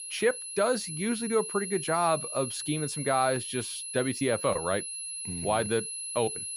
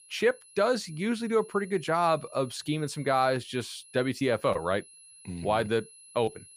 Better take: second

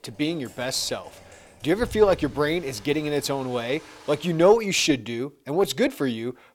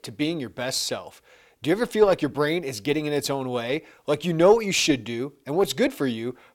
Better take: second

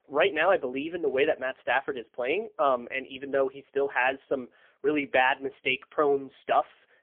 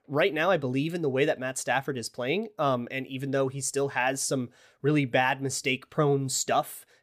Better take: second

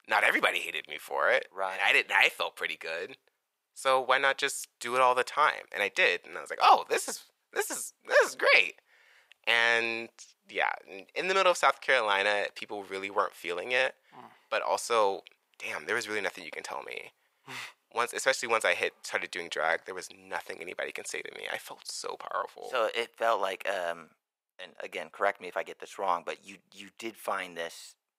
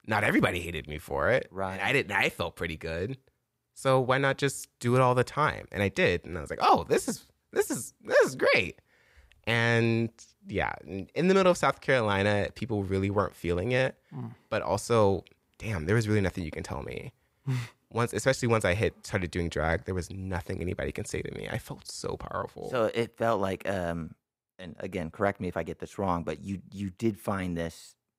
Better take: second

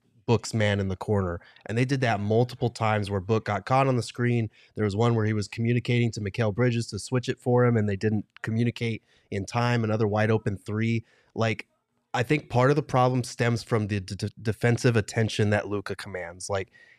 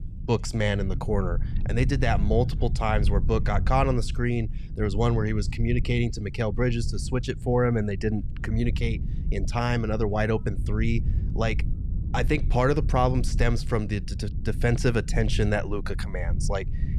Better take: first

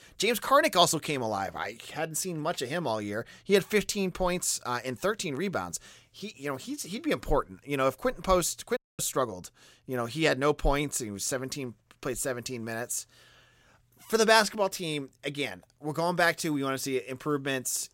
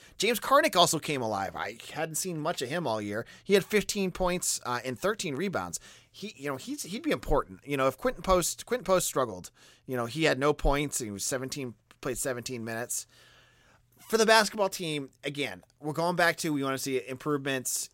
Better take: second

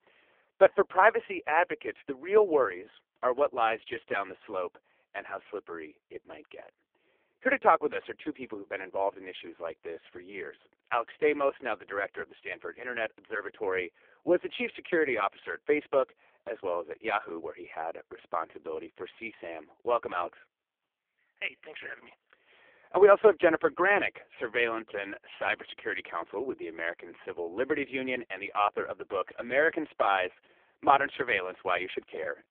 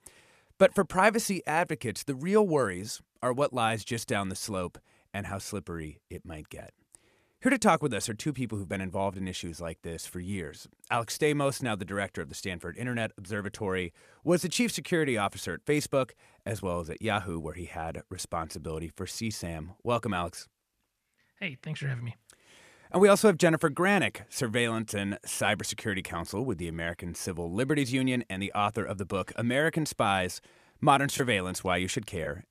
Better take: second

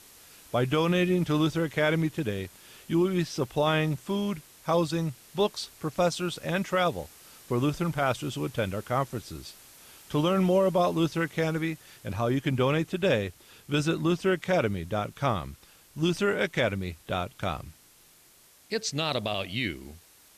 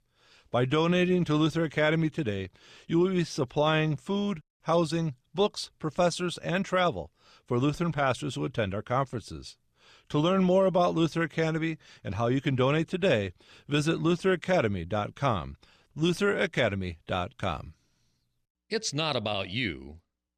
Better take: second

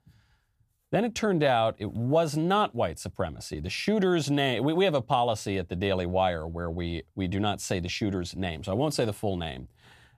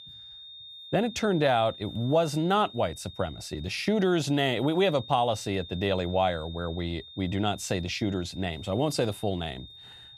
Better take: first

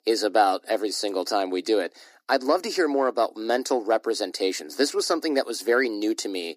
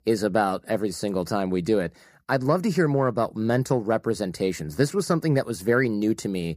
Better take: second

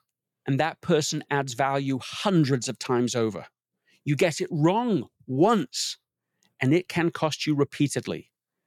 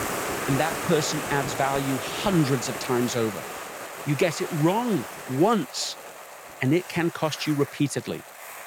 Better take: first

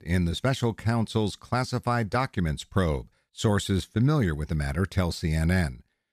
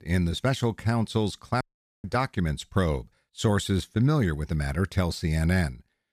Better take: first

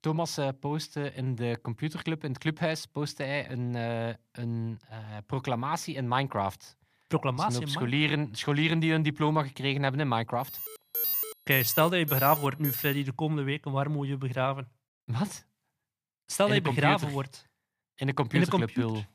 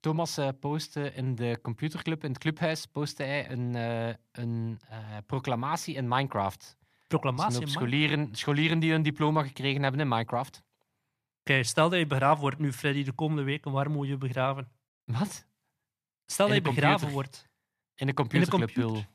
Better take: second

